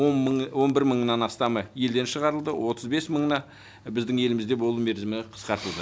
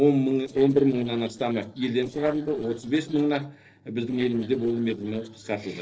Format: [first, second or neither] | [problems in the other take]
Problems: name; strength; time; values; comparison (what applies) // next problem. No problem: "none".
first | noise reduction (neural separator model SepFormer DNS4)